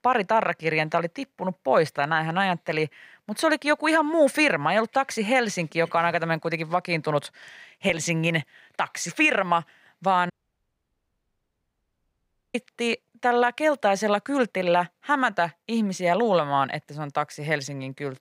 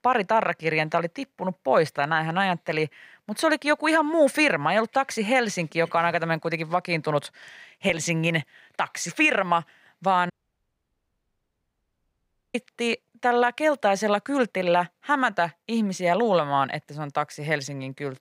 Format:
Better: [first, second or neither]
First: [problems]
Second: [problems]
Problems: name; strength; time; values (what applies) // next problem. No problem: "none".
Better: neither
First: audio cutting out; at 10 s for 2 s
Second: audio cutting out; at 10 s for 2 s